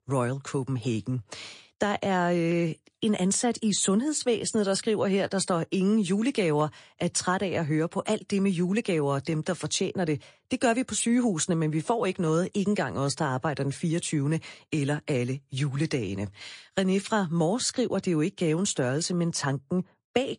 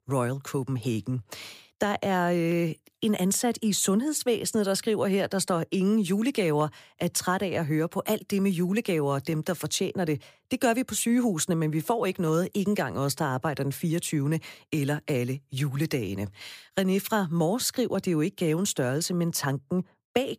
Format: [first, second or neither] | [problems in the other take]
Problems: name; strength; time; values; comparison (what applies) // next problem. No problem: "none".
second | garbled, watery; slightly; nothing above 8.5 kHz